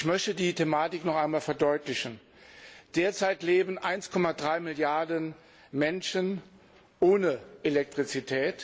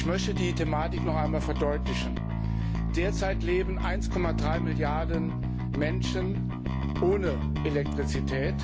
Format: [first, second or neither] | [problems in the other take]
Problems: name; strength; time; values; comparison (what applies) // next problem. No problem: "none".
first | background sound (Bass guitar); 3 dB above the speech